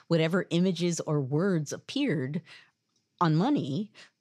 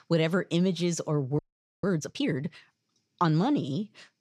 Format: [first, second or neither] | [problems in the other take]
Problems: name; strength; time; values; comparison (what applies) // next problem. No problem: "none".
first | audio freezing; at 1.5 s